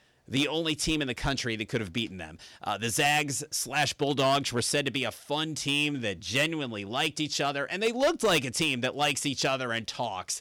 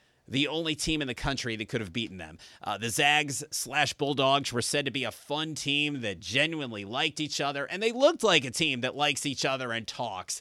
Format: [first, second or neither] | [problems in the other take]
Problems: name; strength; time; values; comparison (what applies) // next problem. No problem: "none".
second | distortion; slight; 3% of the sound clipped